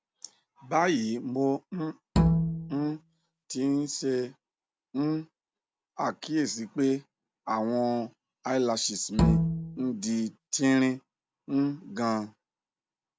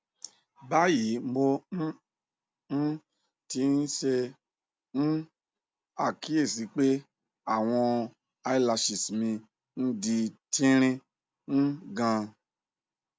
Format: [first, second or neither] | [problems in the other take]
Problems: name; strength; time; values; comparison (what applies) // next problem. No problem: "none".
second | background sound (Bowed string instrument); 3 dB above the speech